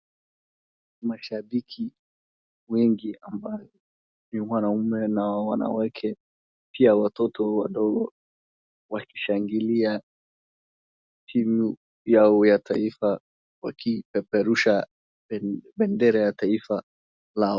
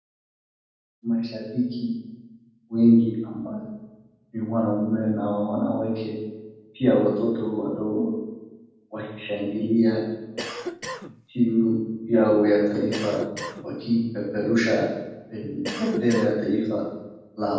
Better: first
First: none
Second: background sound (Cough); 10 dB below the speech // room echo; dies away in 1.1 s

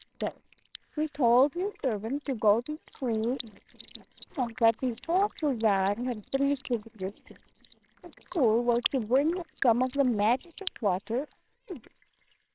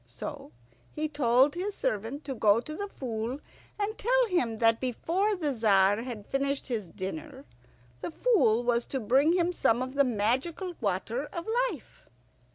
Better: second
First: noise reduction (neural separator model SepFormer WHAMR!)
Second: none

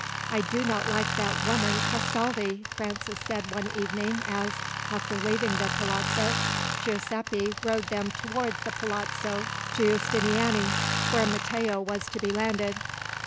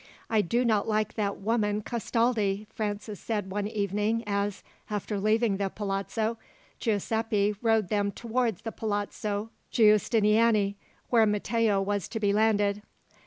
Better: second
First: background sound (Tools); 1 dB below the speech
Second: none

